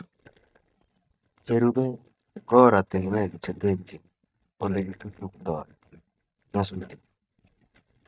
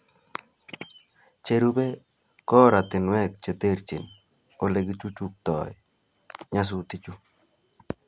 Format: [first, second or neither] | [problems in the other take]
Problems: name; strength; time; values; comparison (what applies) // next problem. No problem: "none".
second | noise reduction (neural mask model DeepFilterNet 3)